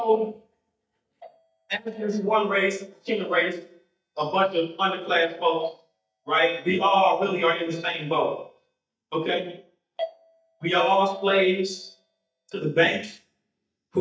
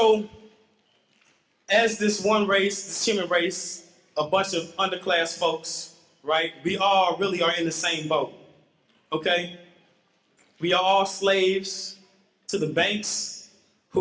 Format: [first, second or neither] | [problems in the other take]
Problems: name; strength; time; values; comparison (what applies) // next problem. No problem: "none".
second | noise reduction (neural mask model DeepFilterNet 3)